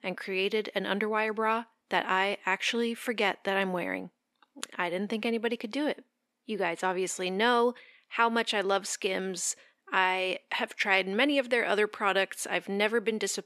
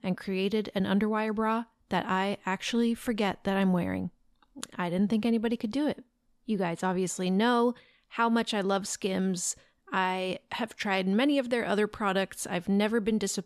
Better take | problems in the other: second | thin; somewhat; fading below 350 Hz

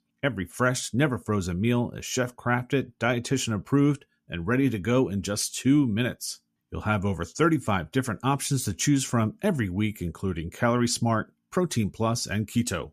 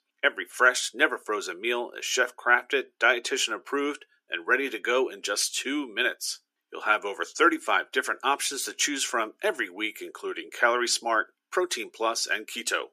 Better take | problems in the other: first | thin; very; fading below 350 Hz

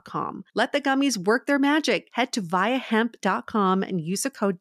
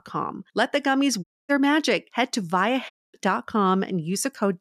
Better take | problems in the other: first | audio cutting out; at 1 s and at 3 s

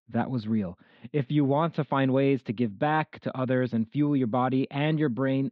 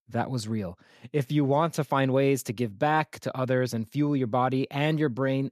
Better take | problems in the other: second | muffled; slightly; fading above 3.5 kHz

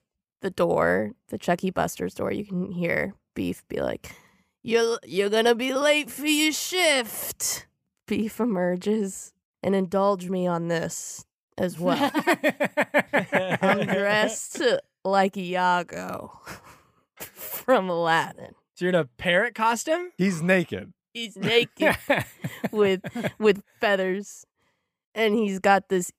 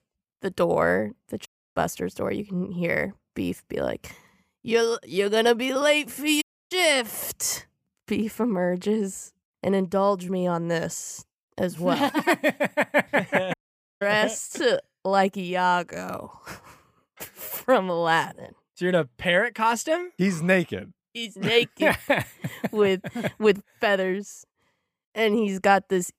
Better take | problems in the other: first | audio cutting out; at 1.5 s, at 6.5 s and at 14 s

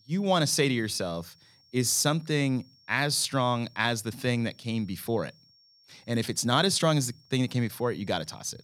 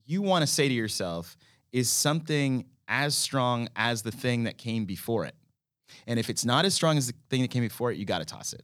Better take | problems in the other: second | high-pitched whine; faint; throughout; 5.5 kHz, 30 dB below the speech

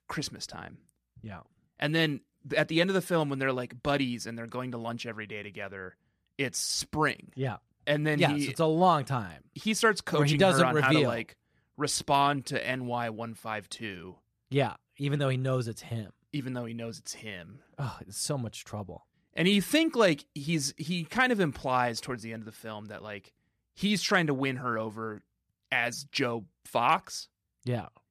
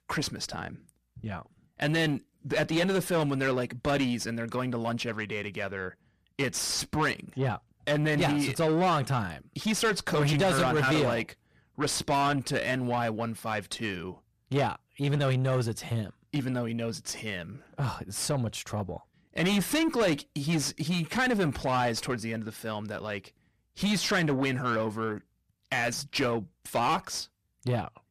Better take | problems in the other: first | distortion; heavy; 6 dB below the speech

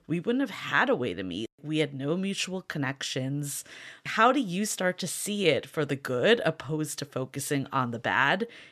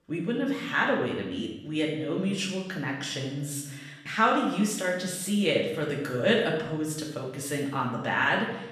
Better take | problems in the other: first | room echo; noticeable; dies away in 0.8 s // off-mic speech; far

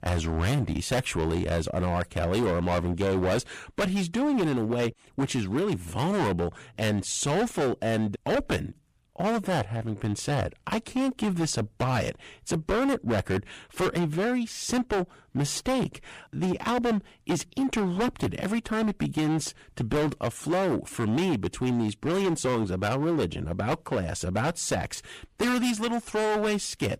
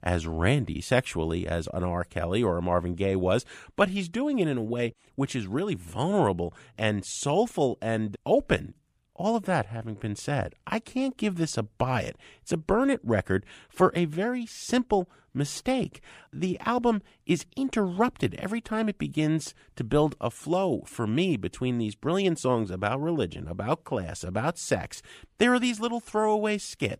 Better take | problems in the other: second | distortion; heavy; 18% of the sound clipped

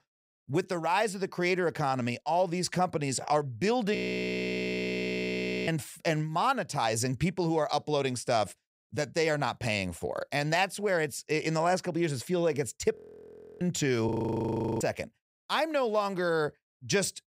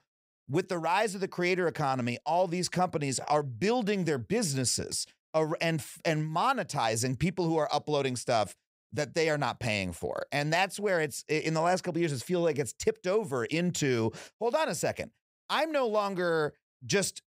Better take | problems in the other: second | audio freezing; at 4 s for 1.5 s, at 13 s for 0.5 s and at 14 s for 0.5 s

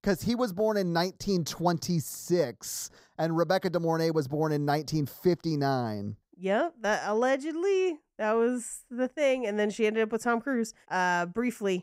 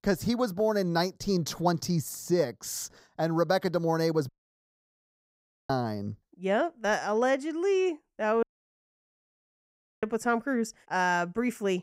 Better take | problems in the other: first | audio cutting out; at 4.5 s for 1.5 s and at 8.5 s for 1.5 s

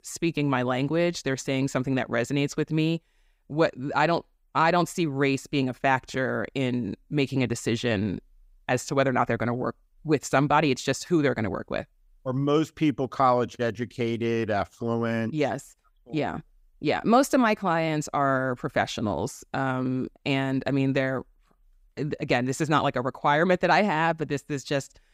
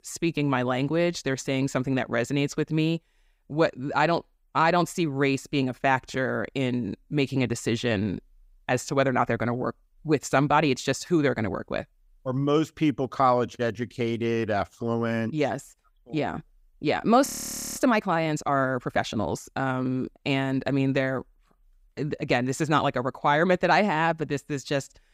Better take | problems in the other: first | audio freezing; at 17 s for 0.5 s

